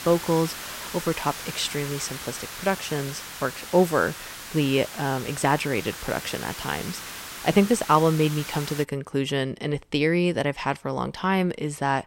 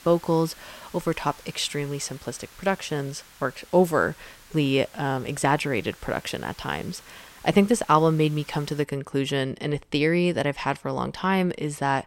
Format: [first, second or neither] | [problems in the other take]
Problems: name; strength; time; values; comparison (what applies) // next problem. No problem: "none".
second | hiss; loud; until 9 s; 10 dB below the speech; faint in the second